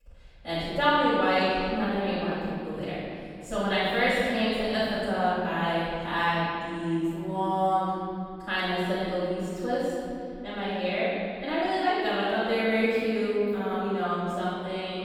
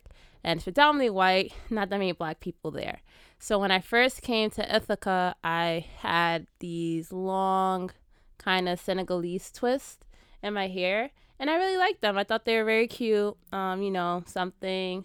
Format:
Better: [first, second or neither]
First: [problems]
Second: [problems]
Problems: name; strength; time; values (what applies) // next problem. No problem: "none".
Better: second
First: off-mic speech; far // room echo; strong; dies away in 2.7 s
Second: none